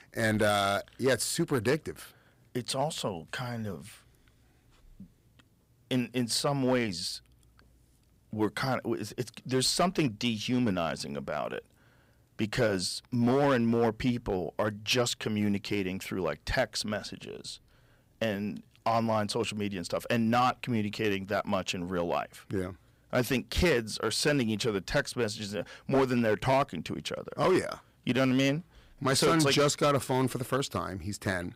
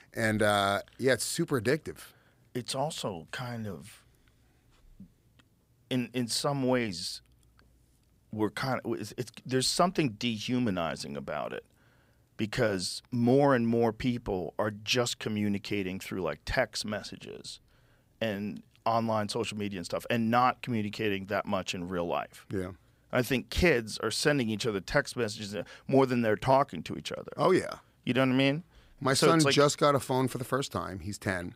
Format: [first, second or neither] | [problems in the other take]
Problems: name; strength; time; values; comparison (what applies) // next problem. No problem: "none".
second | distortion; slight; 3% of the sound clipped